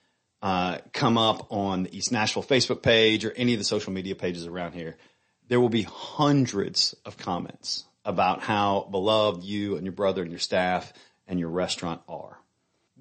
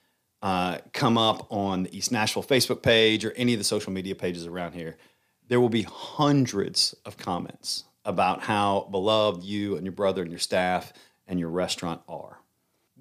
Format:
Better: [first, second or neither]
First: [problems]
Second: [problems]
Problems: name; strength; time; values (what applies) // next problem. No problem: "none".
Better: second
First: garbled, watery; slightly; nothing above 8 kHz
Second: none